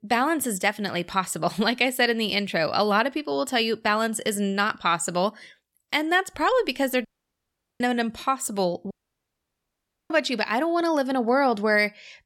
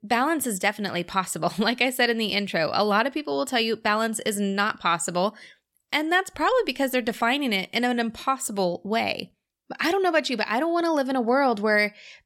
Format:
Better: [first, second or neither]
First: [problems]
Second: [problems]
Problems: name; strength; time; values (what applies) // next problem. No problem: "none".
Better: second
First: audio cutting out; at 7 s for 1 s and at 9 s for 1 s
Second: none